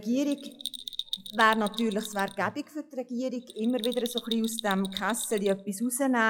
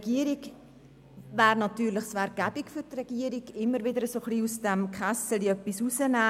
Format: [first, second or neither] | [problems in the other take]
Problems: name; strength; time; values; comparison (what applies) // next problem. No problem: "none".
second | noise reduction (classical method log-MMSE)